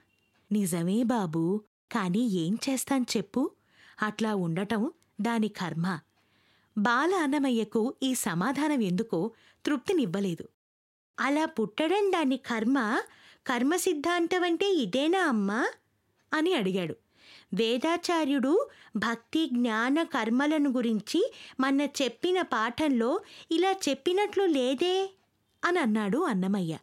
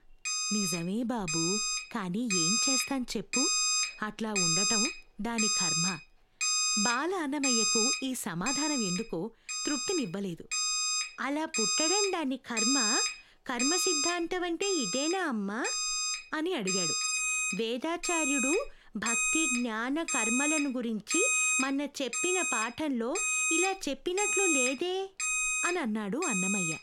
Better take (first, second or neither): first